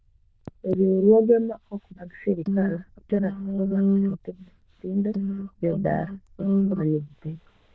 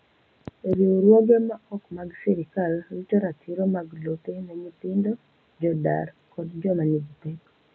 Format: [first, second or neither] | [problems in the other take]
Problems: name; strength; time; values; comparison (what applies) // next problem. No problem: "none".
second | noise reduction (neural diffusion model UNIVERSE++)